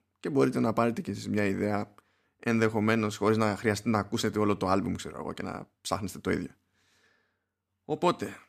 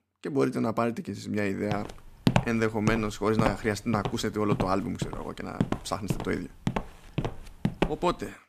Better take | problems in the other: first | footsteps; loud; from 1.5 to 8 s; peak 3 dB above the speech

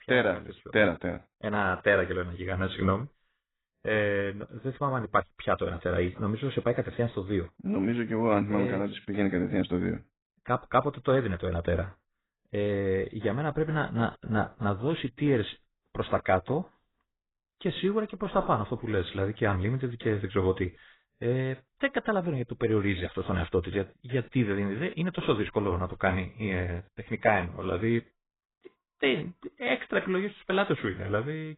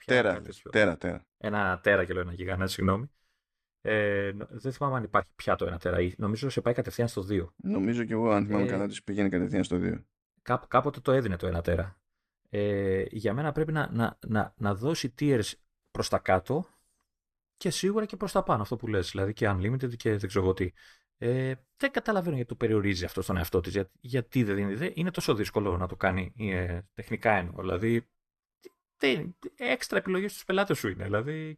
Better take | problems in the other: second | garbled, watery; badly; nothing above 4 kHz

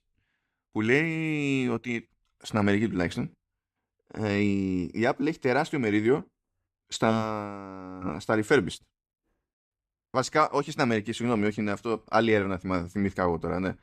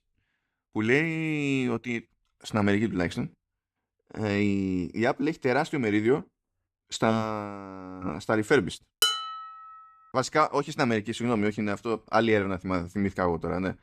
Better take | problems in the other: first | clattering dishes; loud; at 9 s; peak 3 dB above the speech

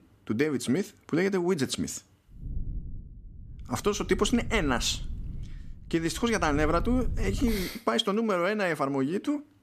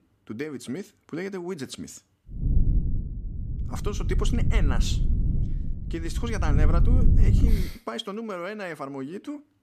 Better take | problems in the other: first | low rumble; loud; from 2.5 to 7.5 s; 6 dB below the speech; faint in the first

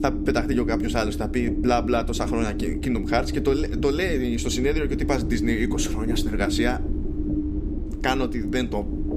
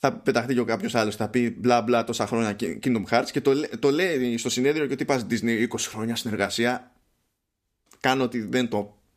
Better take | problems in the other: second | low rumble; loud; throughout; 7 dB below the speech

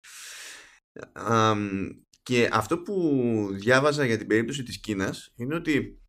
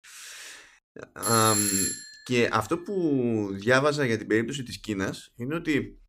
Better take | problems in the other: first | doorbell; loud; at 1 s; peak 3 dB above the speech

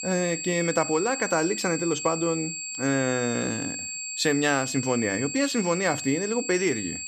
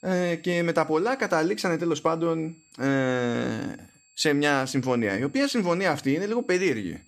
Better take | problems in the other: second | high-pitched whine; loud; throughout; 7.5 kHz, 5 dB below the speech; faint in the second

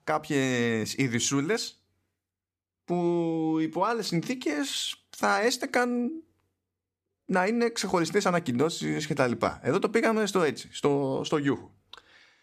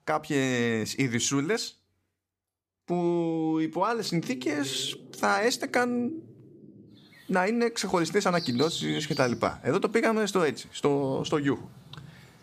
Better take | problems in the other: first | animal sounds; noticeable; throughout; 15 dB below the speech

